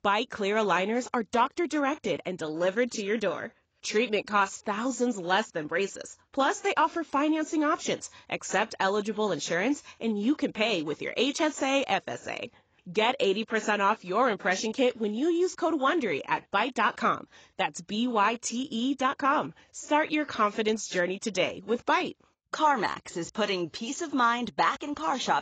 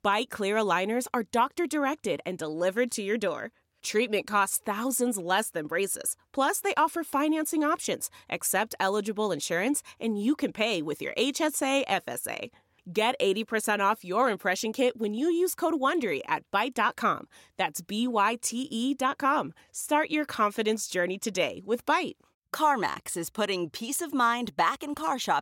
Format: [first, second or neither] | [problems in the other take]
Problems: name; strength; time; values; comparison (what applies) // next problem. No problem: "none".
second | garbled, watery; badly; nothing above 7.5 kHz